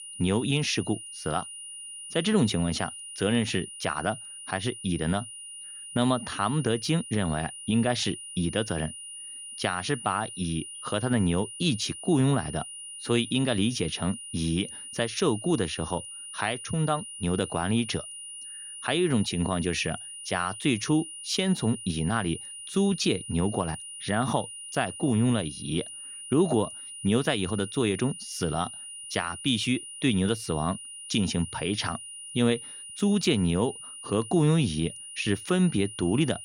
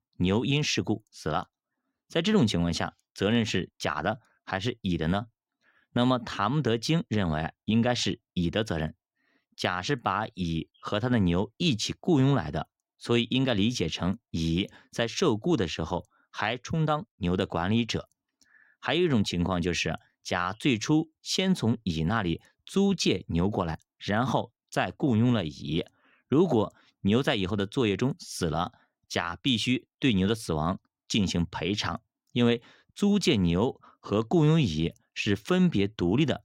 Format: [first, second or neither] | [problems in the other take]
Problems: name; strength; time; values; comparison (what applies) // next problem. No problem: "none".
second | high-pitched whine; noticeable; throughout; 9.5 kHz, 10 dB below the speech